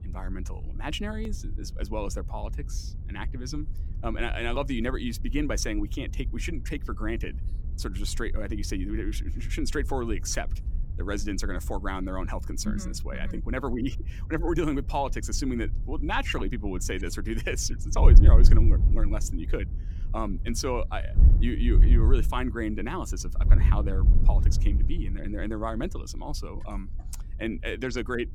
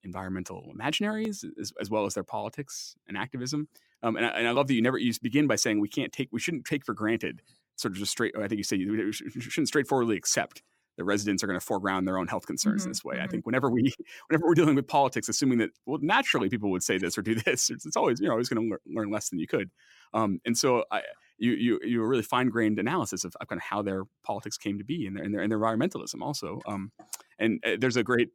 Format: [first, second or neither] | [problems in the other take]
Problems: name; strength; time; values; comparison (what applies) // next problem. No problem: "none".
second | wind noise on the microphone; occasional gusts; 15 dB below the speech